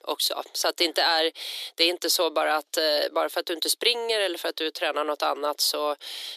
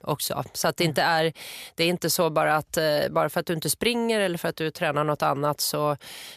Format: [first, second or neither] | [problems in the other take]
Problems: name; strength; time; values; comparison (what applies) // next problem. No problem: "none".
second | thin; very; fading below 300 Hz